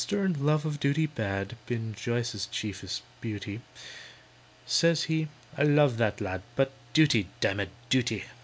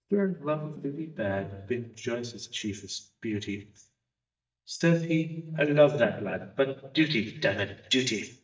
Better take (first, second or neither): first